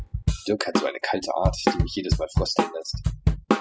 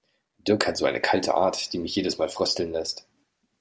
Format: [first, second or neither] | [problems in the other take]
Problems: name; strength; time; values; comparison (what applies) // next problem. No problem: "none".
second | noise reduction (classical method spectral subtraction)